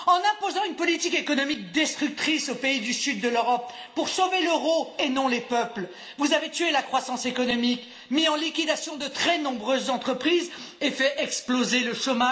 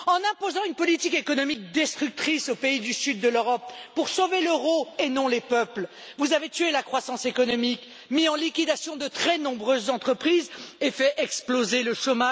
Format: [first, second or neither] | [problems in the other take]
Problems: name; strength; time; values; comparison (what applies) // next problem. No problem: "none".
second | room echo; dies away in 0.5 s